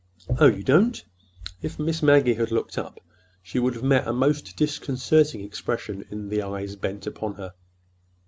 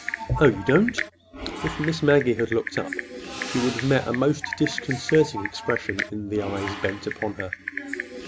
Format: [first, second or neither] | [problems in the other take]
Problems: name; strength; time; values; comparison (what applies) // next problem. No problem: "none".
first | background sound (Typing); 8 dB below the speech